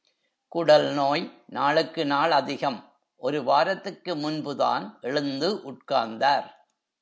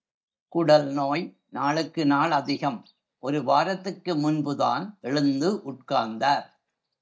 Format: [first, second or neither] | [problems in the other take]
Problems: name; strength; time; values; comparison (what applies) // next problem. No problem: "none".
first | noise reduction (neural mask model DeepFilterNet 3)